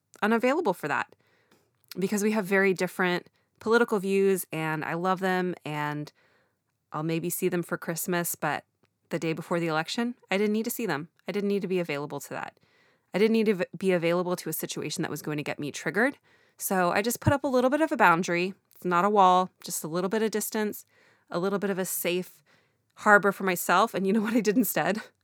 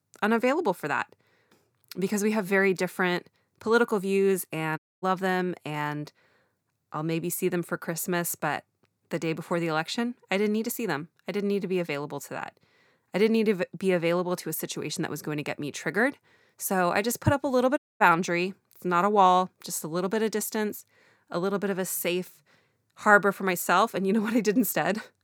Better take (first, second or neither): first